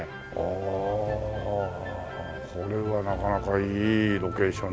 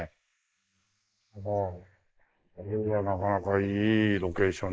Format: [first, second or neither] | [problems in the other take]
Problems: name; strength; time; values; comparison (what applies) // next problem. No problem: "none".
first | noise reduction (neural mask model Resemble Enhance denoiser)